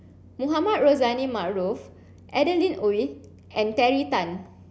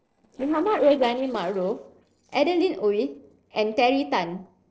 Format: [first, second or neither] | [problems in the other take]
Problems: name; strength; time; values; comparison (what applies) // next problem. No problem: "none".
first | noise reduction (neural separator model SepFormer DNS4)